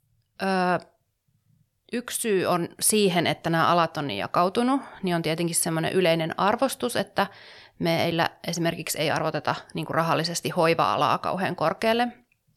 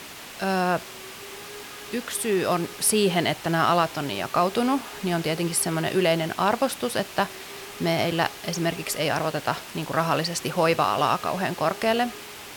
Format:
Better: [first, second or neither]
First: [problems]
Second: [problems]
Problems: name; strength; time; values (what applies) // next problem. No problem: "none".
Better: first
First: none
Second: hiss; noticeable; throughout; 15 dB below the speech